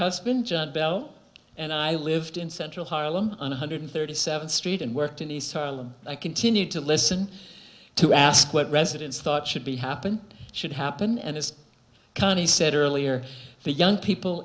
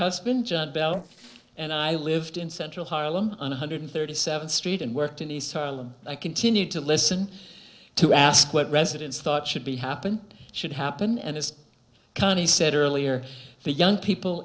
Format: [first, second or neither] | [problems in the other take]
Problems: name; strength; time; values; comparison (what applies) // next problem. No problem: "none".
first | noise reduction (neural separator model SepFormer DNS4)